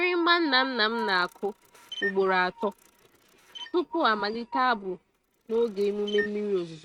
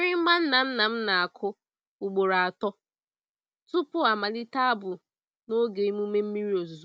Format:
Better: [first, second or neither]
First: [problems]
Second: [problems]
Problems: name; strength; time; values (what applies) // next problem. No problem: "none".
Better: second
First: noise reduction (neural mask model RNNoise)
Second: none